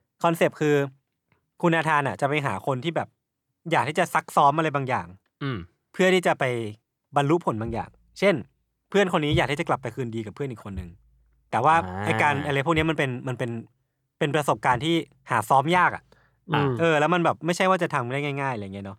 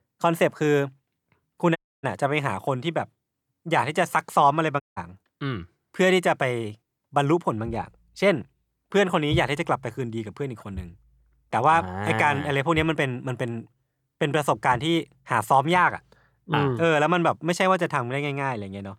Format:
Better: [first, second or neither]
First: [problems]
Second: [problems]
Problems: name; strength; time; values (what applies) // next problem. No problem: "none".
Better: first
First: none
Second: audio cutting out; at 2 s and at 5 s